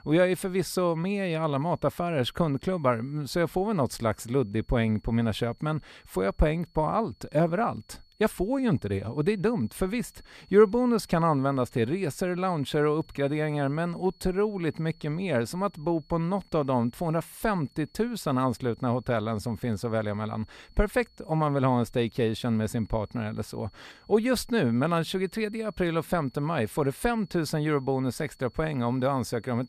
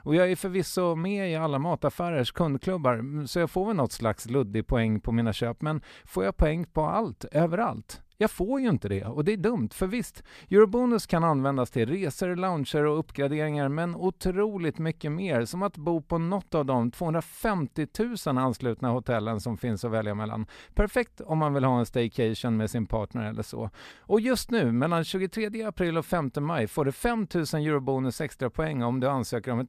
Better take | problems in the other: second | high-pitched whine; faint; throughout; 4.5 kHz, 35 dB below the speech

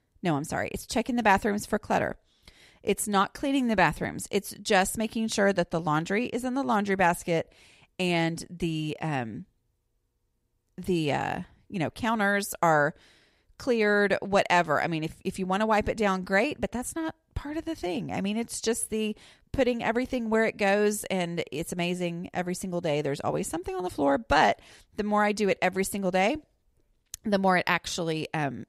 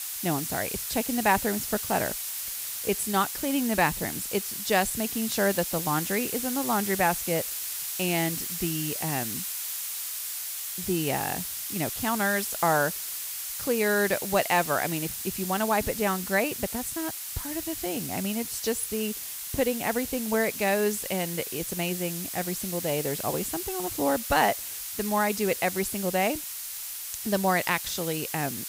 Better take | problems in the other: first | hiss; loud; throughout; 3 dB below the speech

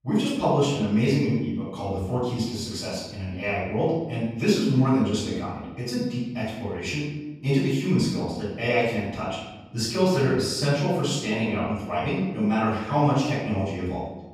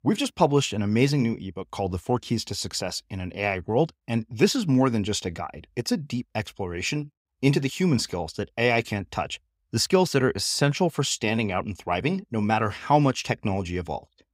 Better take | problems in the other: second | off-mic speech; far // room echo; noticeable; dies away in 1 s

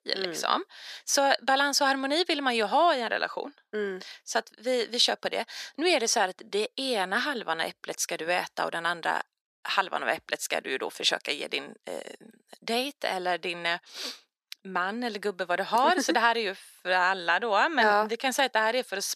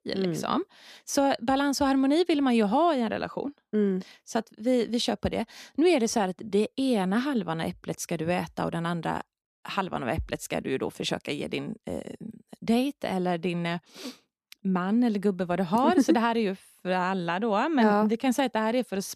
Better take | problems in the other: second | thin; somewhat; fading below 550 Hz

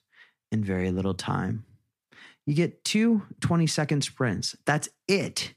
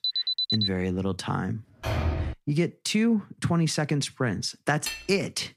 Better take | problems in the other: first | alarm; loud; at the start; peak 3 dB above the speech // door banging; noticeable; at 2 s; peak 1 dB below the speech // clattering dishes; noticeable; at 5 s; peak 7 dB below the speech

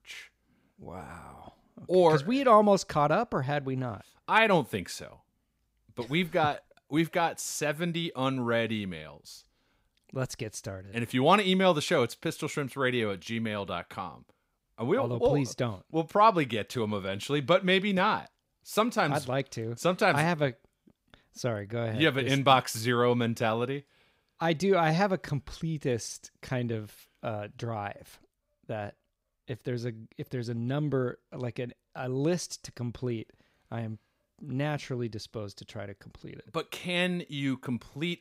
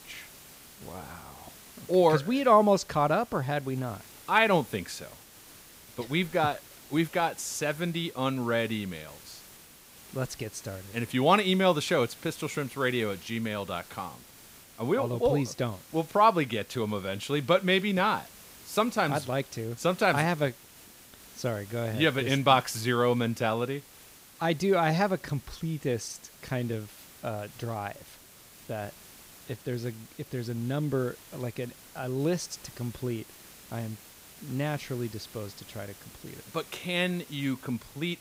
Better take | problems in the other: first | hiss; faint; throughout; 20 dB below the speech

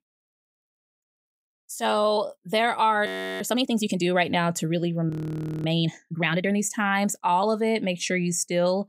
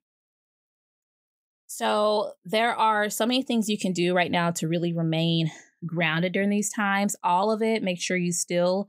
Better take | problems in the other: second | audio freezing; at 3 s and at 5 s for 0.5 s

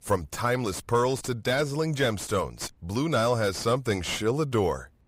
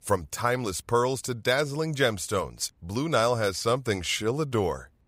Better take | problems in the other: second | distortion; slight; 10 dB below the speech

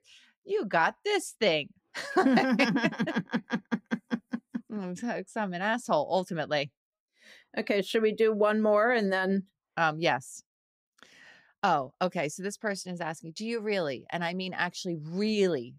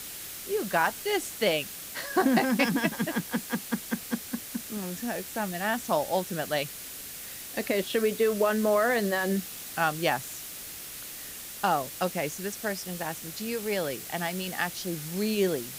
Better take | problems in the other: first | hiss; loud; throughout; 8 dB below the speech

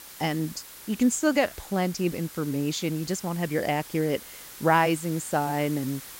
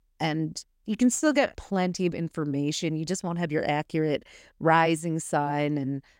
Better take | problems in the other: second | hiss; noticeable; throughout; 15 dB below the speech

